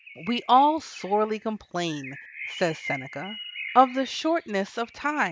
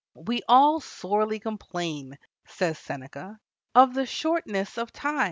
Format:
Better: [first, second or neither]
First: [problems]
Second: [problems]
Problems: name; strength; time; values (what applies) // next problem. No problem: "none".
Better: second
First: background sound (Bird); 15 dB below the speech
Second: none